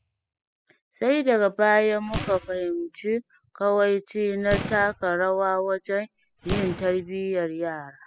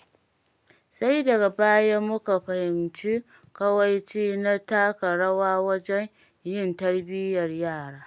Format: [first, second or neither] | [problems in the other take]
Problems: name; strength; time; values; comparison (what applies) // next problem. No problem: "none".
second | noise reduction (classical method spectral subtraction)